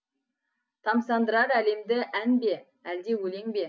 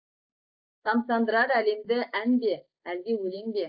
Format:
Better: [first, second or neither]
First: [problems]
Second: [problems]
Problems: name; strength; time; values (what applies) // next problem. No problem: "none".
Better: first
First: none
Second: noise reduction (neural mask model Resemble Enhance denoiser)